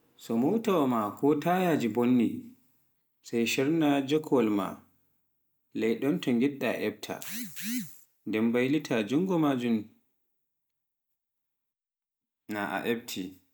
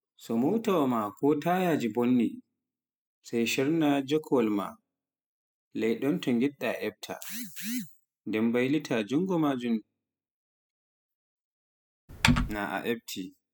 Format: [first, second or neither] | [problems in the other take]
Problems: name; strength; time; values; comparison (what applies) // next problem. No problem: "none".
first | noise reduction (classical method spectral subtraction)